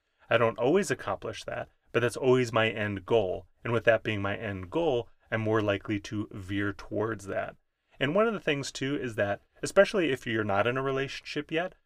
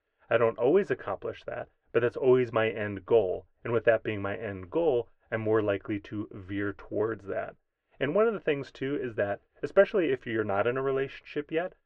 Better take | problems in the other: first | muffled; very; fading above 2 kHz

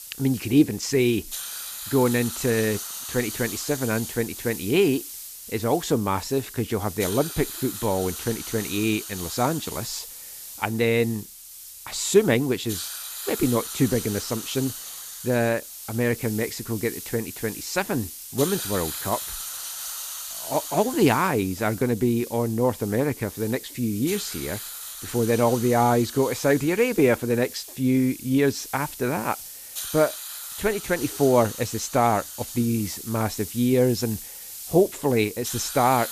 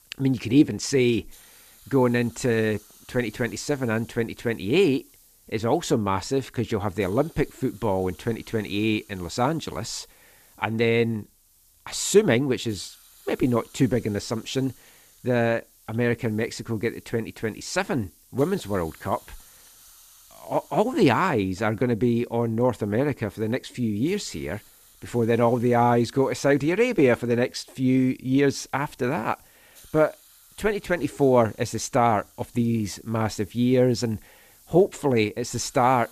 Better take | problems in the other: second | hiss; loud; throughout; 9 dB below the speech; faint in the second

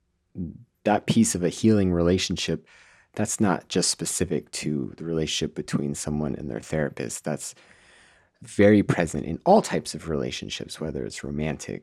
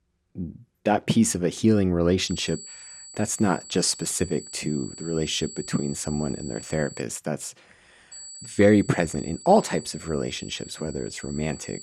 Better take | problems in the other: first | high-pitched whine; noticeable; from 2.5 to 7 s and from 8 s on; 8 kHz, 15 dB below the speech

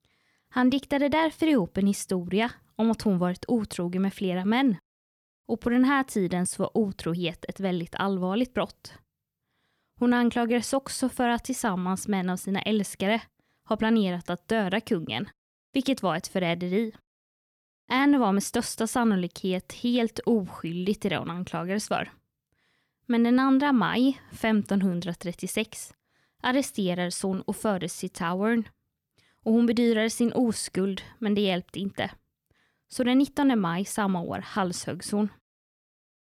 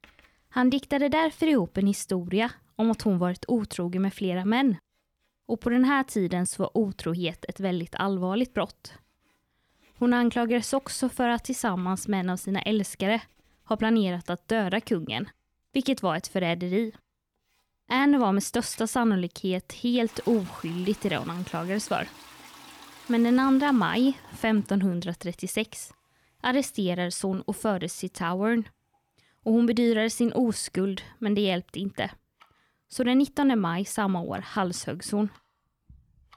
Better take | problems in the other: first | household noises; faint; throughout; 25 dB below the speech

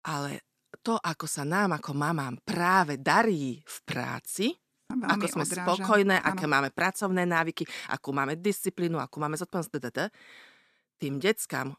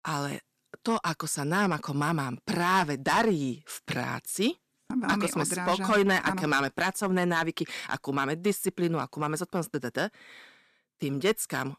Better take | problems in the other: first | distortion; slight; 2% of the sound clipped

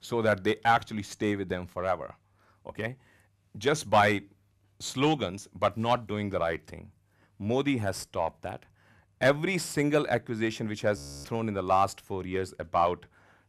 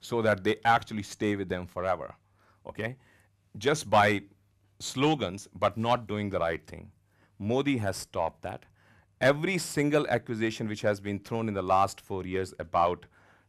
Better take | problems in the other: second | audio freezing; at 11 s

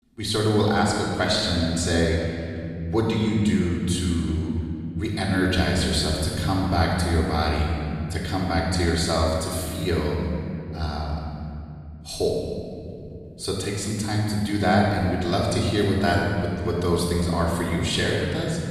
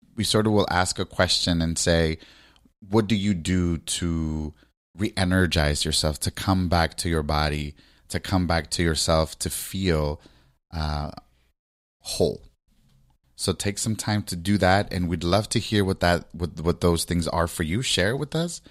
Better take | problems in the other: second | off-mic speech; far // room echo; strong; dies away in 3 s

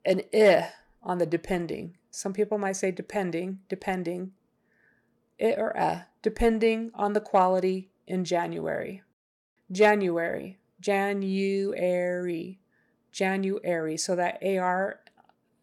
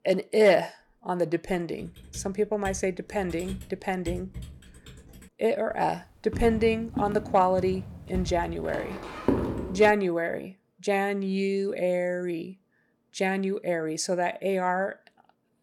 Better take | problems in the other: first | keyboard typing; faint; from 2 to 5.5 s; peak 10 dB below the speech // footsteps; loud; from 6.5 to 10 s; peak level with the speech

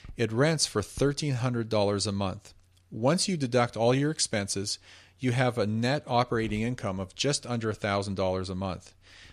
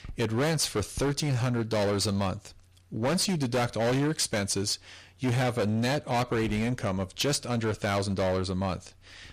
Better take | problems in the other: first | distortion; heavy; 18% of the sound clipped

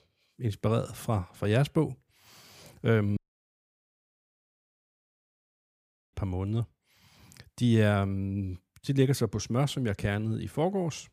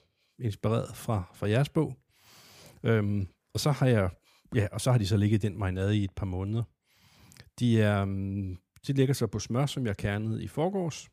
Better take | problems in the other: second | audio cutting out; at 3 s for 3 s

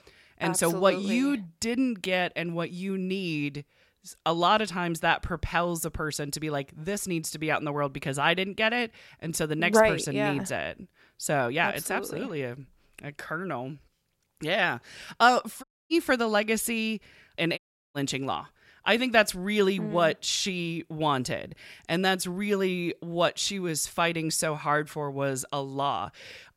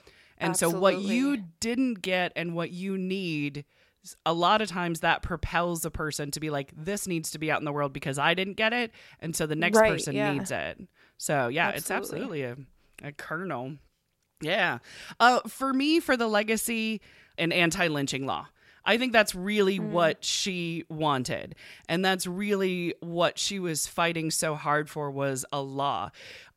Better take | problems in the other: second | audio cutting out; at 16 s and at 18 s

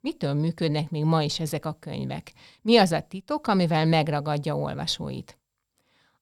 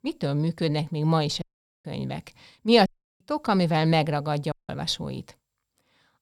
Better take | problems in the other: first | audio cutting out; at 1.5 s, at 3 s and at 4.5 s

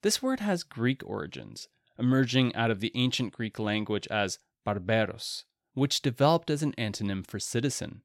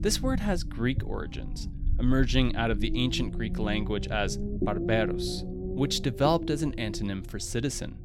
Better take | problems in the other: first | low rumble; loud; throughout; 9 dB below the speech

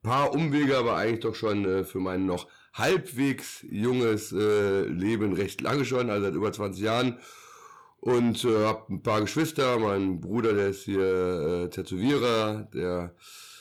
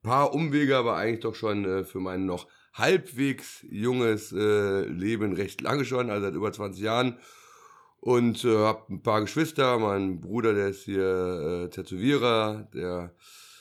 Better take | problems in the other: second | distortion; slight; 10 dB below the speech

